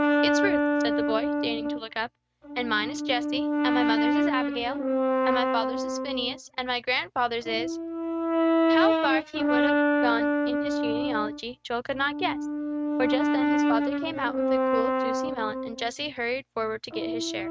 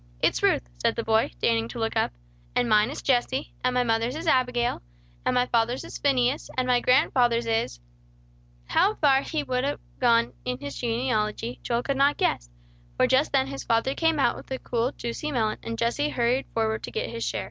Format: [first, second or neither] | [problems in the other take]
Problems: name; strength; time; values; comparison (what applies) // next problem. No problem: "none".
second | noise reduction (neural mask model RNNoise)